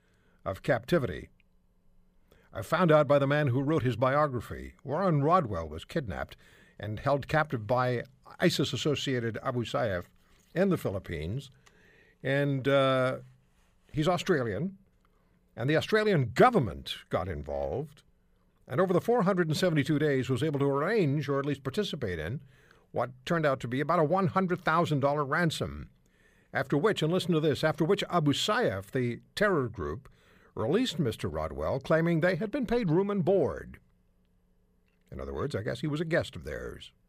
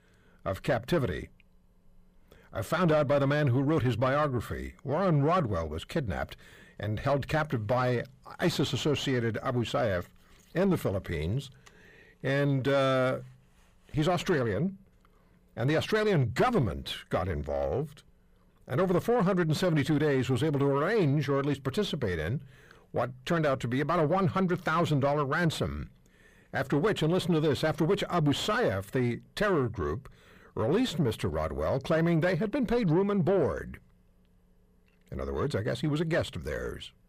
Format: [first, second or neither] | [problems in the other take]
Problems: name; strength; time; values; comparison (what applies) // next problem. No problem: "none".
first | distortion; slight; 10 dB below the speech